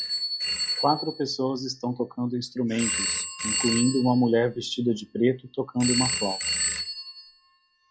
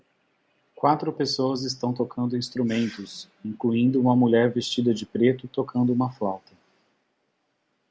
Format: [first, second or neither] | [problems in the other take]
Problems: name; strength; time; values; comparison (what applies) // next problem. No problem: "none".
second | noise reduction (classical method log-MMSE)